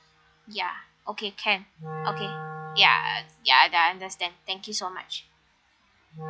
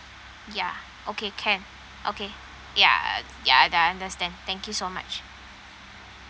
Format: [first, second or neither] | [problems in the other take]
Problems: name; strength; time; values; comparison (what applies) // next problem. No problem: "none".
second | noise reduction (classical method log-MMSE)